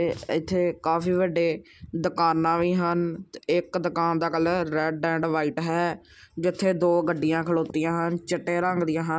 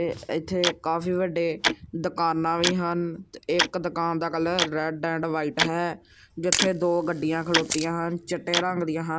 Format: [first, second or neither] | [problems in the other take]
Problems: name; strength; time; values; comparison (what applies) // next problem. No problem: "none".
first | background sound (Camera + Tick-tock); 5 dB below the speech